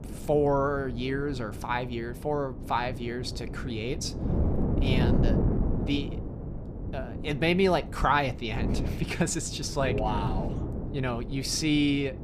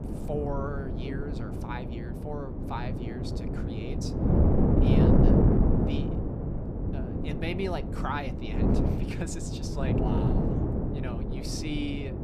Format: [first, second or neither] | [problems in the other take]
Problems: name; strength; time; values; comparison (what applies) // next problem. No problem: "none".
first | wind noise on the microphone; heavy; 3 dB above the speech; occasional gusts in the first